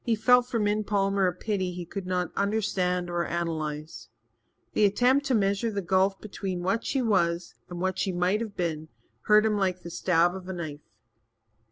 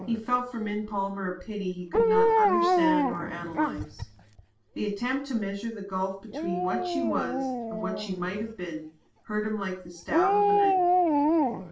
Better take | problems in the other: first | background sound (Dog); 4 dB above the speech // room echo; dies away in 0.3 s

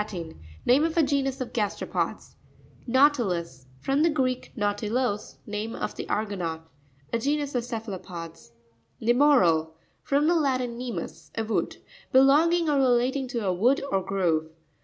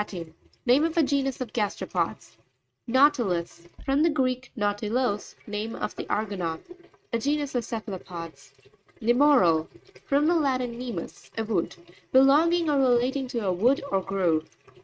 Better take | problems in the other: first | noise reduction (neural mask model RNNoise)

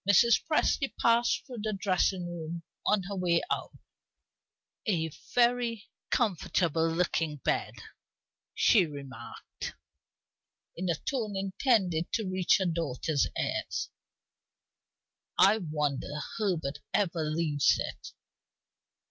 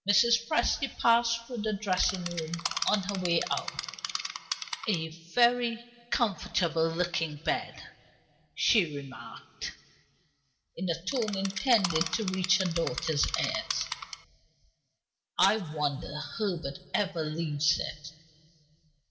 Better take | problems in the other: first | background sound (Insect); 5 dB below the speech // room echo; dies away in 1.5 s

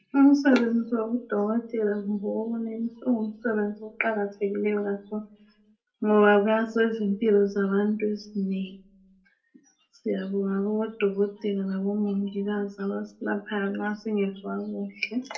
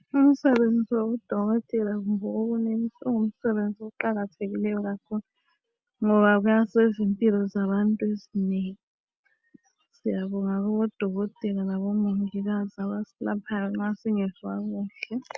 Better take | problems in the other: second | room echo; dies away in 0.2 s

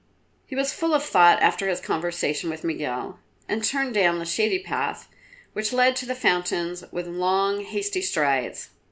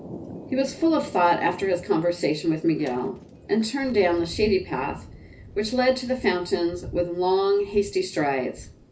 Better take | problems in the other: first | background sound (Thunder); 17 dB below the speech // room echo; dies away in 0.4 s

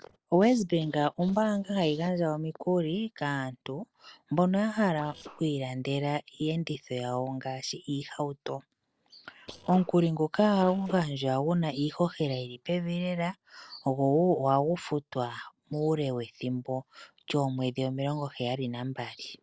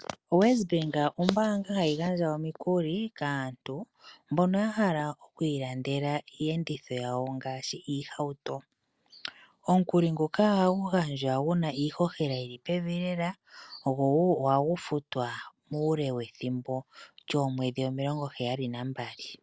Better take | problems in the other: second | noise reduction (neural separator model SepFormer DNS4)

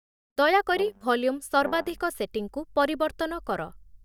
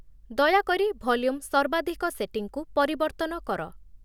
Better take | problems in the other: second | noise reduction (neural mask model DeepFilterNet 3)

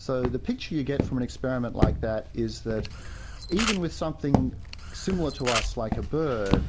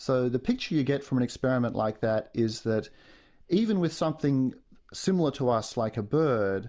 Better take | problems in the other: second | background sound (Camera + Walk, footsteps); 1 dB below the speech

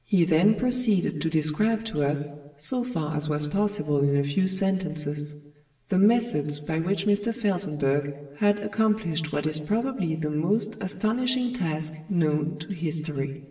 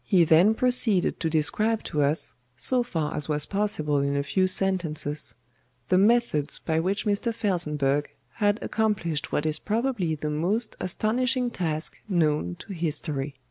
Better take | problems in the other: second | room echo; dies away in 1.1 s

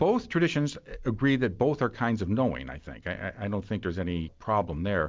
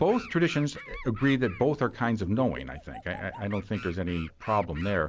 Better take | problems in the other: first | background sound (Animal); 17 dB below the speech

